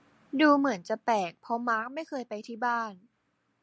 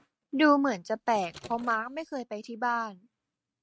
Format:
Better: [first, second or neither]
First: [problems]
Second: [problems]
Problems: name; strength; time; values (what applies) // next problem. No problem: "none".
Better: first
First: none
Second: noise reduction (neural mask model RNNoise)